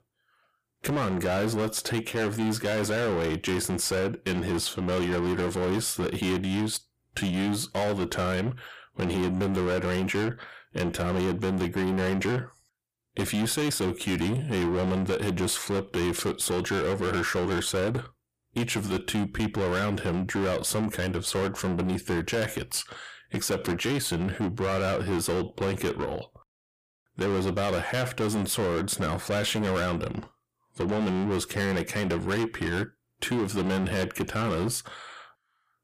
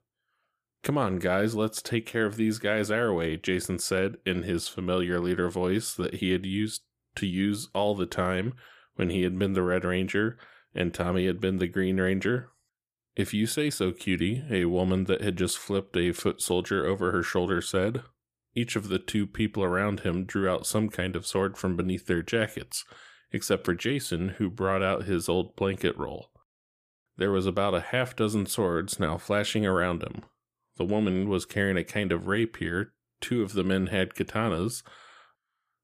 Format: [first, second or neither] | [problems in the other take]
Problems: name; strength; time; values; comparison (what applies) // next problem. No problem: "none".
second | distortion; heavy; 6 dB below the speech